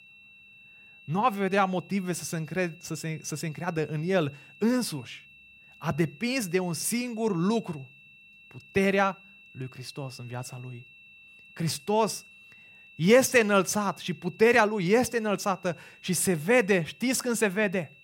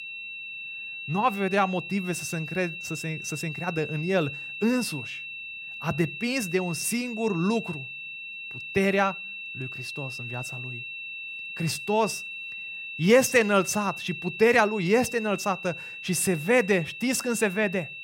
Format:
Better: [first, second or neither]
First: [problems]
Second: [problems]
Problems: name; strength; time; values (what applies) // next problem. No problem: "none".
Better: first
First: high-pitched whine; faint; throughout; 2.5 kHz, 25 dB below the speech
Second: high-pitched whine; loud; throughout; 2.5 kHz, 9 dB below the speech